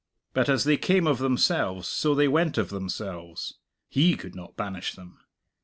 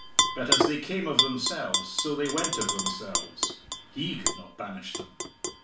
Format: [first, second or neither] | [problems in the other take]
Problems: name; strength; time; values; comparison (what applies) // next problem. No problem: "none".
first | background sound (Tap / Glass); 4 dB above the speech // room echo; dies away in 0.4 s